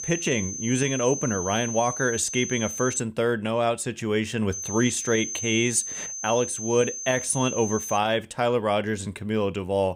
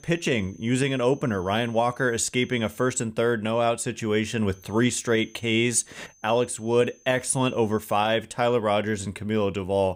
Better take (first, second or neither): second